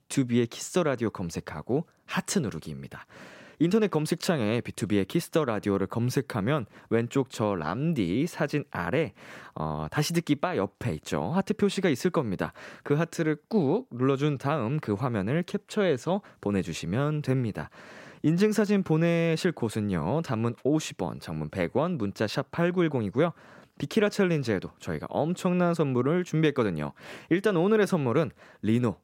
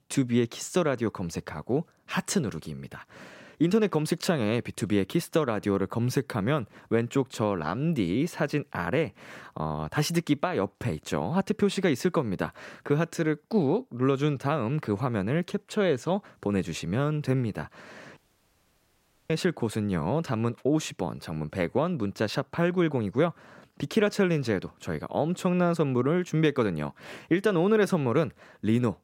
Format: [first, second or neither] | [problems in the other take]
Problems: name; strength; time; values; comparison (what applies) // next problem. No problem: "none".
first | audio cutting out; at 18 s for 1 s